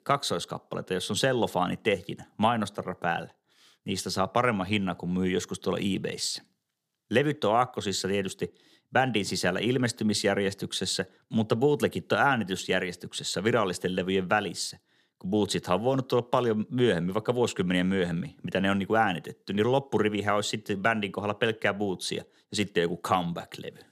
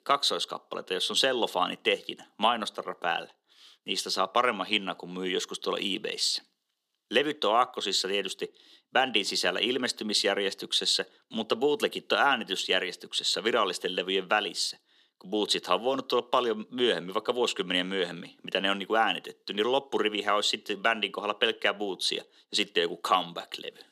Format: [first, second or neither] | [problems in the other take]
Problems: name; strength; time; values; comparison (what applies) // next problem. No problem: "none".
first | thin; somewhat; fading below 250 Hz